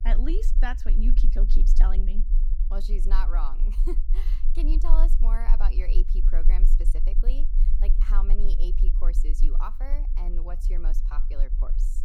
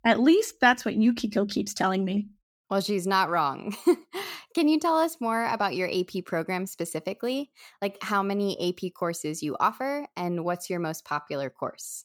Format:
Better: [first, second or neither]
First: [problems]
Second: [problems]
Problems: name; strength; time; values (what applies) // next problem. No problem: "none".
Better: second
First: low rumble; noticeable; throughout; 10 dB below the speech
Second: none